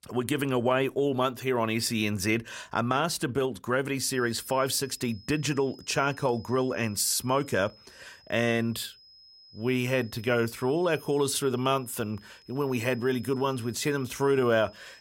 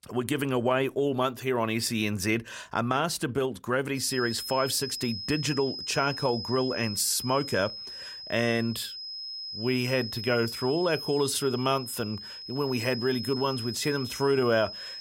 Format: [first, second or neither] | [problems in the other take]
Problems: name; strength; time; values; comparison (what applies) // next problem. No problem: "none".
first | high-pitched whine; loud; from 4 s on; 5 kHz, 8 dB below the speech; faint in the first